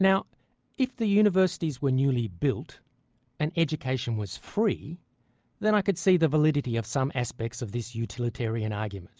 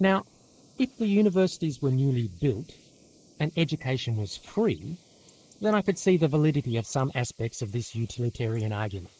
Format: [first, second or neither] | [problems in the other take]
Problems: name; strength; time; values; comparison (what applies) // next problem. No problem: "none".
first | noise reduction (neural mask model Resemble Enhance denoiser)